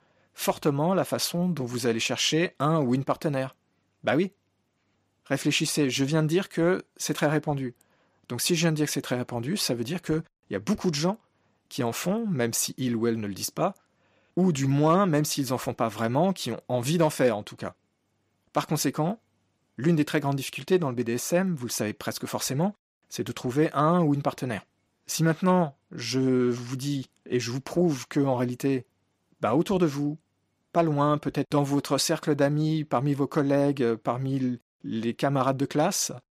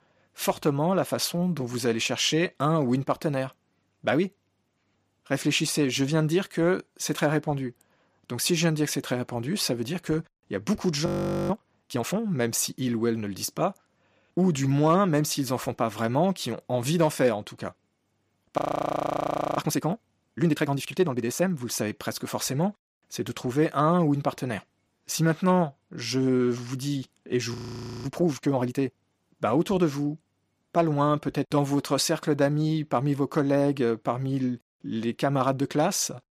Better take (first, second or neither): first